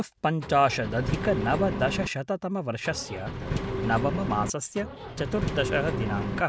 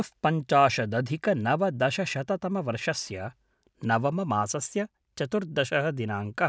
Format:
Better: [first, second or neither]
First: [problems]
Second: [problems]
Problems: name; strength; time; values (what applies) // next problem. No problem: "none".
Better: second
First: background sound (Engine); 4 dB below the speech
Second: none